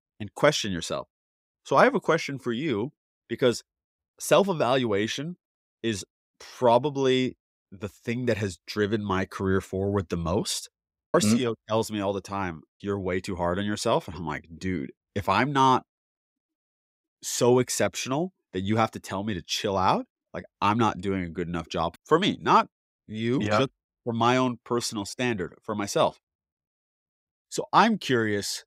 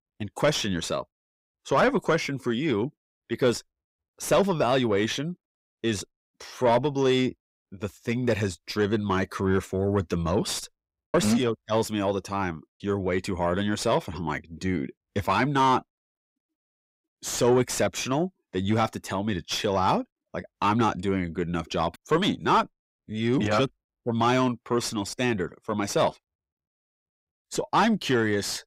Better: first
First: none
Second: distortion; slight; 10 dB below the speech

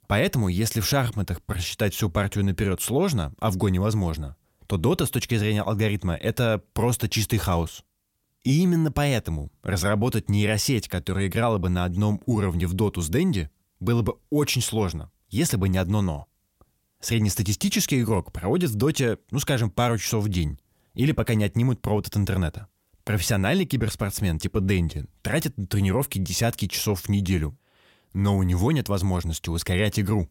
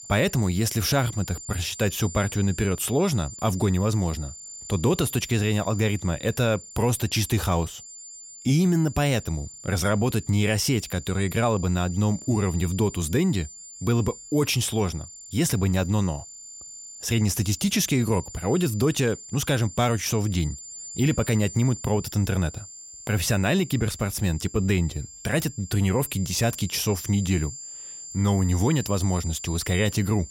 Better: first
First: none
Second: high-pitched whine; noticeable; throughout; 7 kHz, 15 dB below the speech

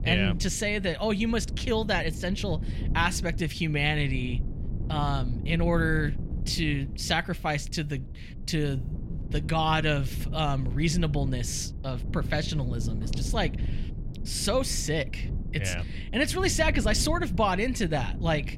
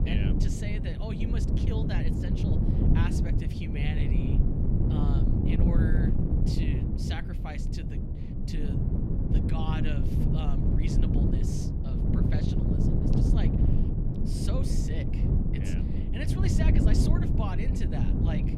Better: first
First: wind noise on the microphone; occasional gusts; 15 dB below the speech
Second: wind noise on the microphone; heavy; 4 dB above the speech

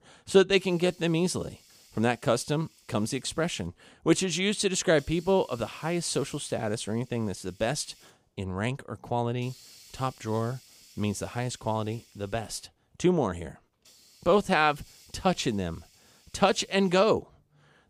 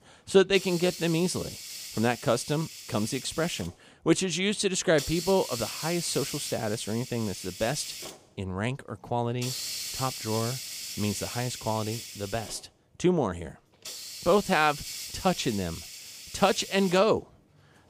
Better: first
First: hiss; faint; throughout; 25 dB below the speech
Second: hiss; loud; throughout; 9 dB below the speech

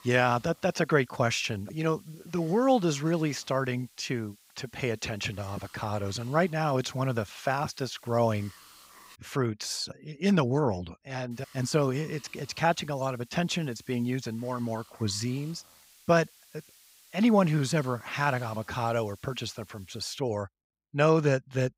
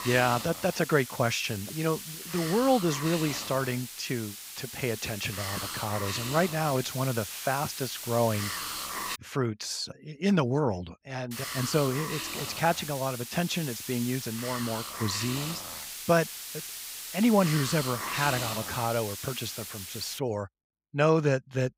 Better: first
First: hiss; faint; until 9 s and from 11 to 20 s; 25 dB below the speech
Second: hiss; loud; until 9 s and from 11 to 20 s; 6 dB below the speech

